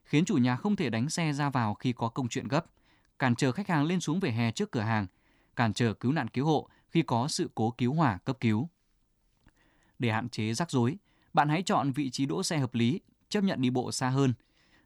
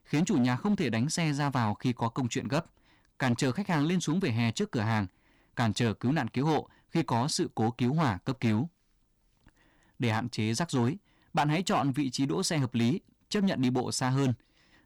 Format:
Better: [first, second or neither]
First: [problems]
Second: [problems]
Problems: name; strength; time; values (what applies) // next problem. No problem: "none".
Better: first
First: none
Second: distortion; slight; 7% of the sound clipped